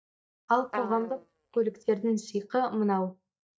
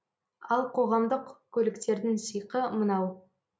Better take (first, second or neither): second